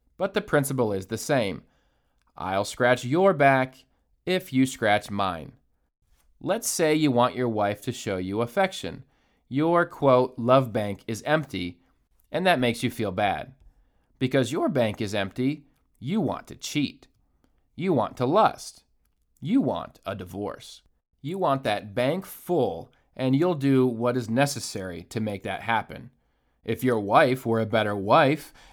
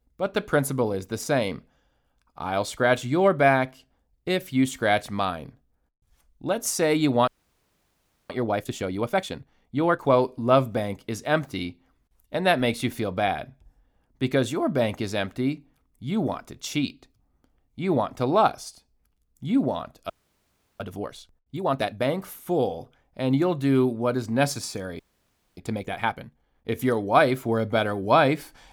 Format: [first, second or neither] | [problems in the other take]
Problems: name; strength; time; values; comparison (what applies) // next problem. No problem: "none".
first | audio freezing; at 7.5 s for 1 s, at 20 s for 0.5 s and at 25 s for 0.5 s